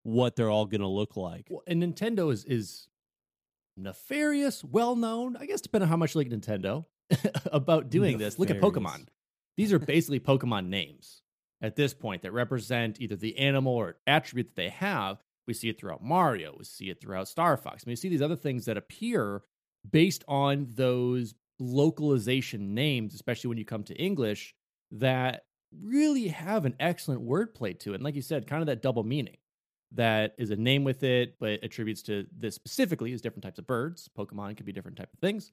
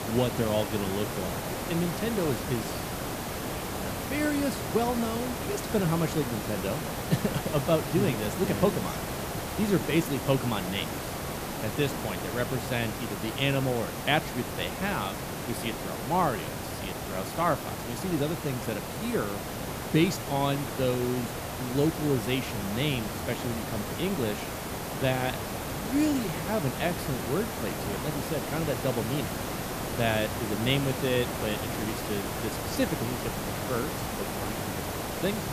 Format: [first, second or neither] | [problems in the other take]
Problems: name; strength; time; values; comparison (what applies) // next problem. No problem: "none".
first | hiss; loud; throughout; 3 dB below the speech